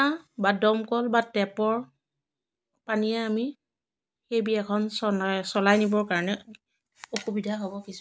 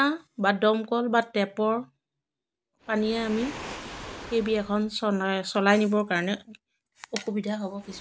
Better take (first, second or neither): first